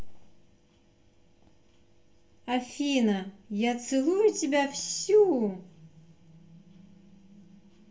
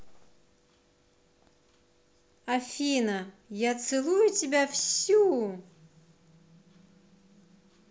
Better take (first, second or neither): second